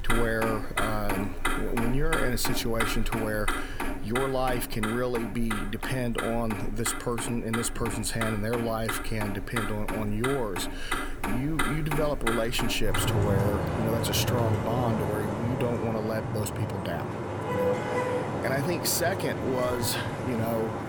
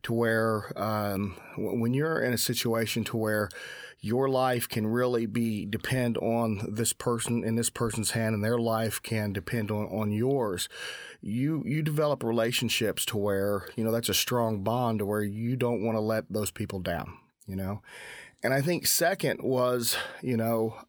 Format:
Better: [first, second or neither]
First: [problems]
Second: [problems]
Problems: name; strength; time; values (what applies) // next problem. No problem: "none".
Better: second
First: traffic noise; loud; throughout; 1 dB below the speech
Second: none